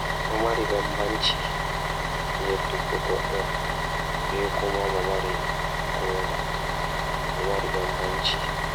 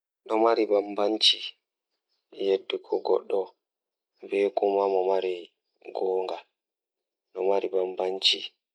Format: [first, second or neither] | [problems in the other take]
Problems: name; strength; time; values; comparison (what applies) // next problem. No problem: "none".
second | background sound (Bus); 4 dB above the speech